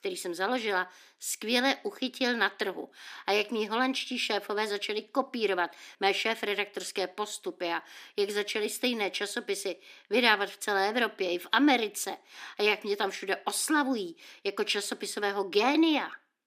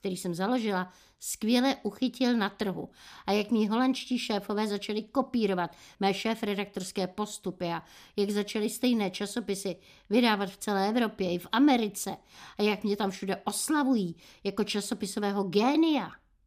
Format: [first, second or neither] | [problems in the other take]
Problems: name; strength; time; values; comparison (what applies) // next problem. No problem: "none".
second | thin; somewhat; fading below 300 Hz